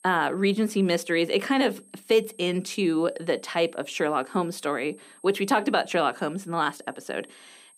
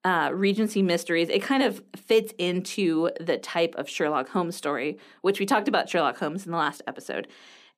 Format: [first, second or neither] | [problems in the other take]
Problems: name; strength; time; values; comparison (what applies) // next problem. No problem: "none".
second | high-pitched whine; faint; throughout; 8.5 kHz, 25 dB below the speech